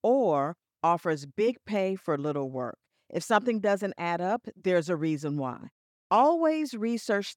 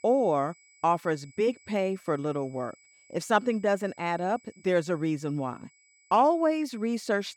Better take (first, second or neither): first